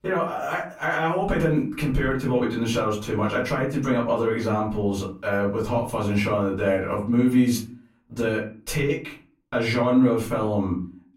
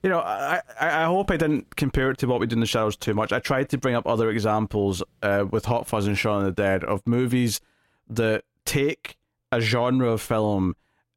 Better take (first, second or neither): second